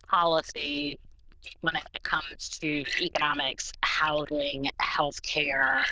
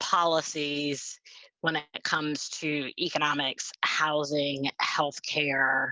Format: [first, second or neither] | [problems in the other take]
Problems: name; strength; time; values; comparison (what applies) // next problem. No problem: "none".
second | noise reduction (neural diffusion model UNIVERSE++)